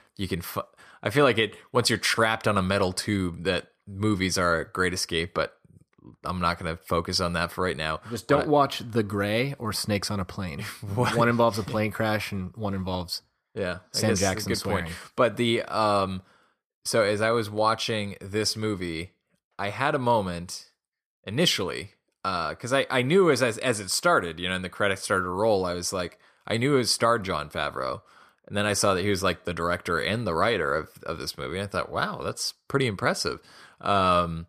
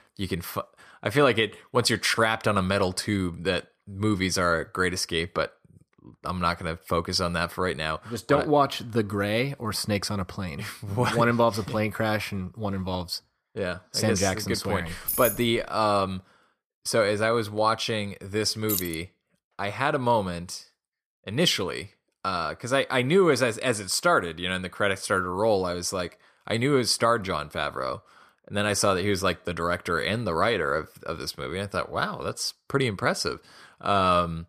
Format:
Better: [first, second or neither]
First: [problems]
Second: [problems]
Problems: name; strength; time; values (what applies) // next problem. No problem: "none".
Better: first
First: none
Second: jangling keys; noticeable; at 15 s and at 19 s; peak 1 dB below the speech